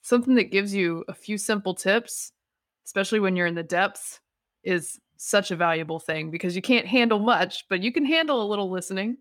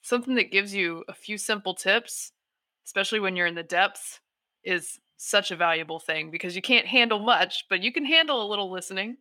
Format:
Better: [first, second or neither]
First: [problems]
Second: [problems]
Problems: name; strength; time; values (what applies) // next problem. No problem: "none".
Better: first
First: none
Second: thin; very slightly; fading below 400 Hz